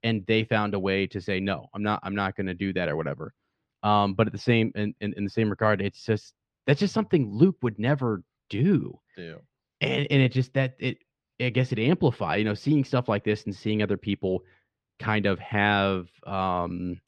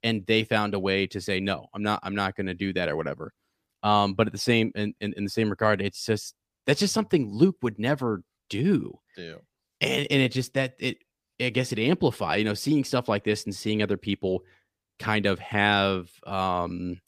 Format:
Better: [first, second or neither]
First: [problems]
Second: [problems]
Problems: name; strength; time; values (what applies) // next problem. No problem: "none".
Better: second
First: muffled; slightly; fading above 3 kHz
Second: none